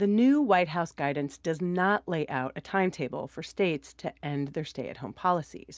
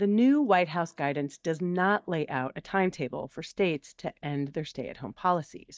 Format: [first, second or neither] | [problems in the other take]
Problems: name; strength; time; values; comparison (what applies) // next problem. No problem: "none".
first | noise reduction (neural mask model DeepFilterNet 3)